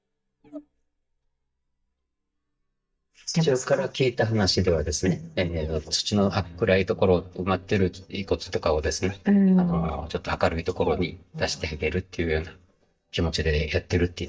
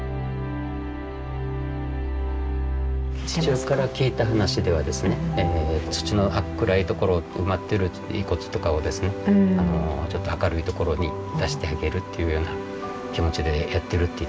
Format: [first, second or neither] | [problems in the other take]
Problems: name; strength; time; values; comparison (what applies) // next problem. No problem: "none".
second | noise reduction (neural mask model DeepFilterNet 3)